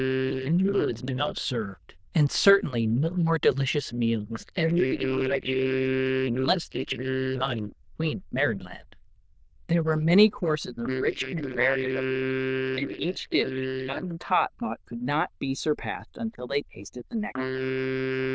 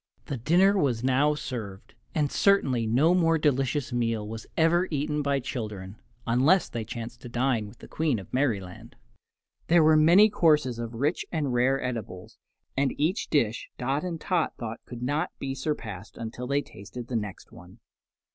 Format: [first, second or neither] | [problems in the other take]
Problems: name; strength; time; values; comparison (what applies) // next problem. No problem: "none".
second | noise reduction (neural diffusion model UNIVERSE++)